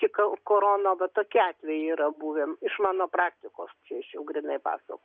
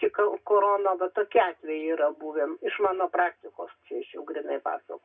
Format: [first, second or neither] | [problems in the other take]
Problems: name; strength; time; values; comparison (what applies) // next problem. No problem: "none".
first | room echo; dies away in 0.2 s